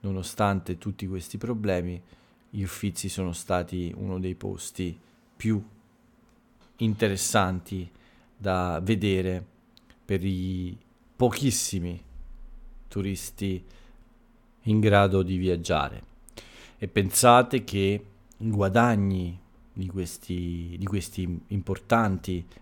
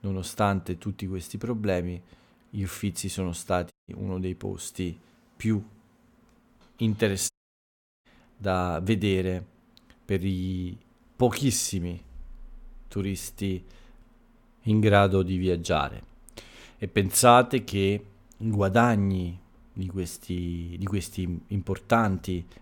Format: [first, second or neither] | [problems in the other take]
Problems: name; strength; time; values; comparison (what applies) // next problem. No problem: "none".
first | audio cutting out; at 3.5 s and at 7.5 s for 0.5 s